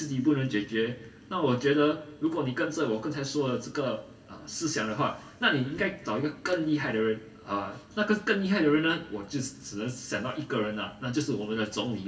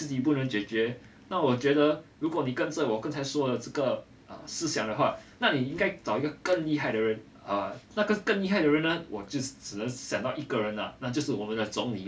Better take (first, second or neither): second